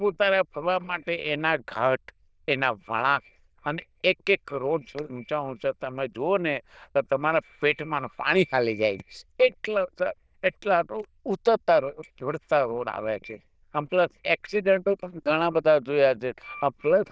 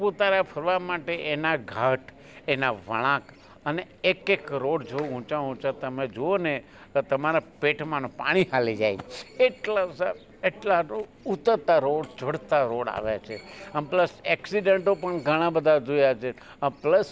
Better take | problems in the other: second | noise reduction (neural diffusion model UNIVERSE++)

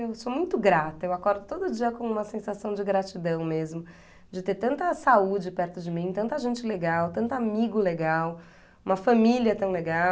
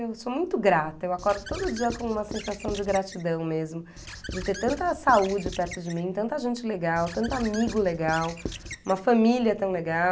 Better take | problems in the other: first | background sound (Squeak / Writing); 13 dB below the speech

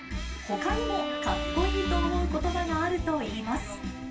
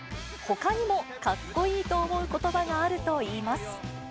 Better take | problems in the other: second | background sound (Bowed string instrument); 7 dB below the speech // room echo; dies away in 0.2 s

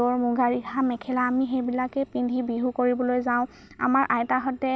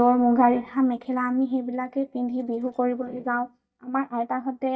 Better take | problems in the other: first | noise reduction (neural mask model DeepFilterNet 3)

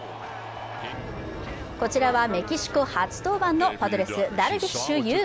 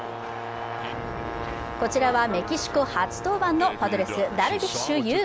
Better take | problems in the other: first | background sound (Brass instrument); 11 dB below the speech

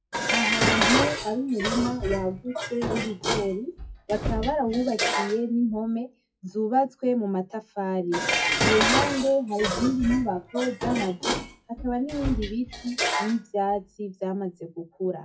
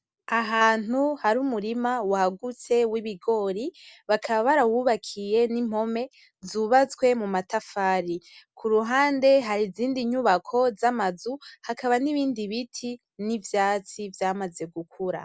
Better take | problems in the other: second | noise reduction (classical method WPE with log-MMSE)

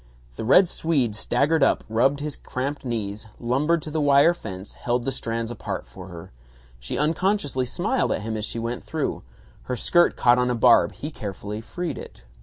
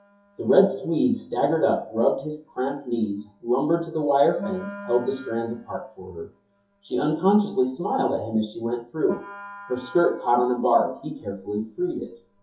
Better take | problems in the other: first | noise reduction (classical method WPE with log-MMSE)

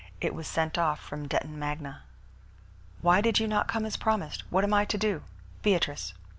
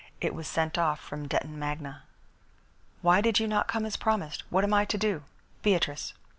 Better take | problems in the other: second | background sound (Bass guitar); 17 dB below the speech

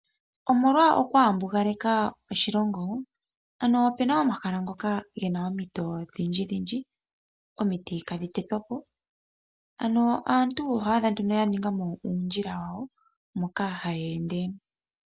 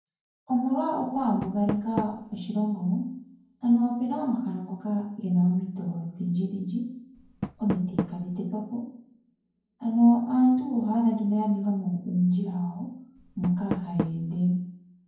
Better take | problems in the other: first | background sound (Door); 12 dB below the speech // room echo; dies away in 0.9 s

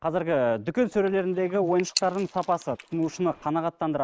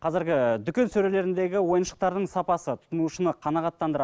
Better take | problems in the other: second | noise reduction (neural mask model Resemble Enhance denoiser)

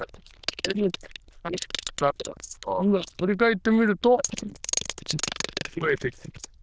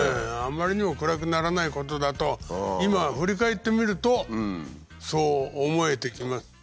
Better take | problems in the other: second | noise reduction (neural diffusion model UNIVERSE++)

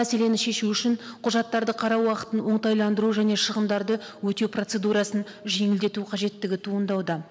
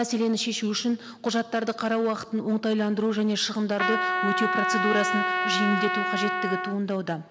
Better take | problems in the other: first | background sound (Trumpet); as loud as the speech

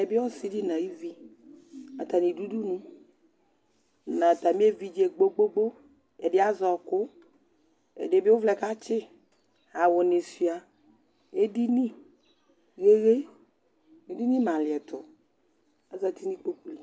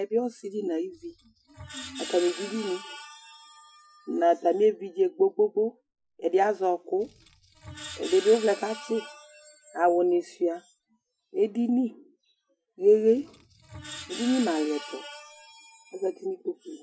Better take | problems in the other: first | noise reduction (classical method Wiener filter)

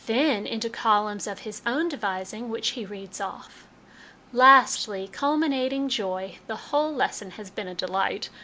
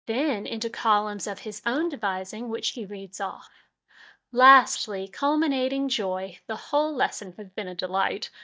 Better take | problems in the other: first | noise reduction (neural mask model DeepFilterNet 3)

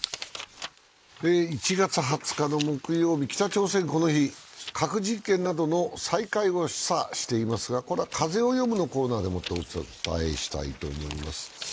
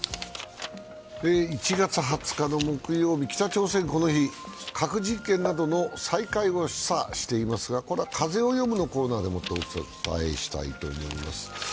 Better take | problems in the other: second | noise reduction (neural mask model Resemble Enhance denoiser)

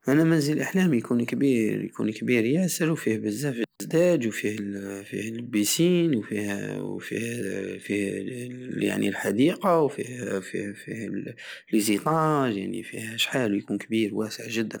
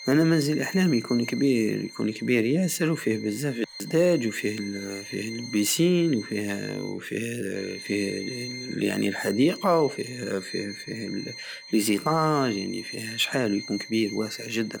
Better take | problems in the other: first | background sound (Bowed string instrument); 16 dB below the speech

